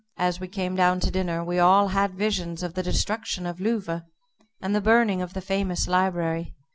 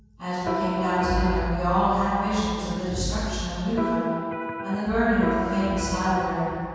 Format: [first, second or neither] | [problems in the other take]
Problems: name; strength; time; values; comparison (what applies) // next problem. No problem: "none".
first | background sound (Electric guitar); 5 dB below the speech // room echo; dies away in 2.1 s